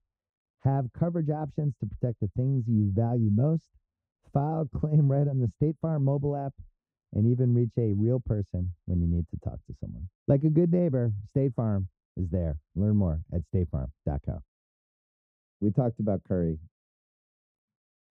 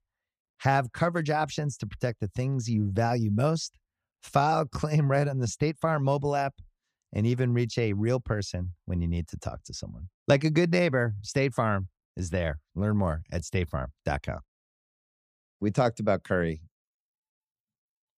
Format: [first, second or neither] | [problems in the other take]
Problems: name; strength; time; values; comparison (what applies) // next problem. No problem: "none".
second | muffled; very; fading above 1 kHz